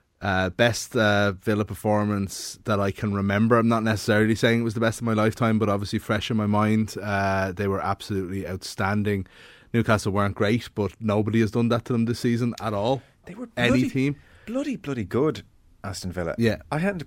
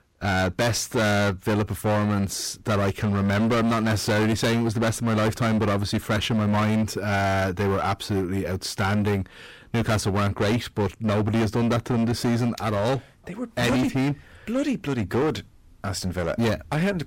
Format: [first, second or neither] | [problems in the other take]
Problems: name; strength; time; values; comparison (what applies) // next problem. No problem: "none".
first | distortion; heavy; 23% of the sound clipped